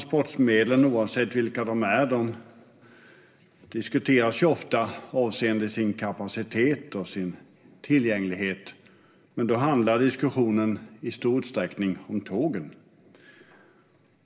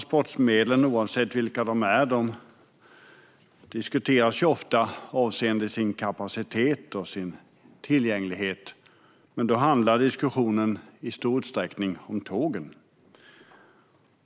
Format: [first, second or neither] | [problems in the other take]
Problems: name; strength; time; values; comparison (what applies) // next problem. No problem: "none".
second | room echo; dies away in 0.9 s